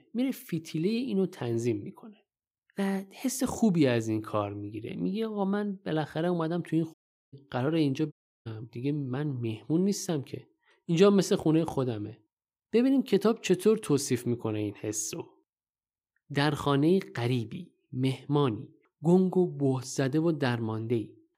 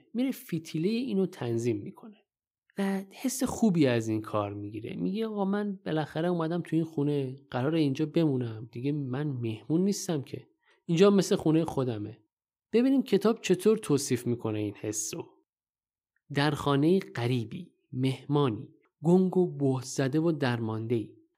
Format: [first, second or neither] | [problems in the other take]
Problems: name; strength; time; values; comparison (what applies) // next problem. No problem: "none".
second | audio cutting out; at 7 s and at 8 s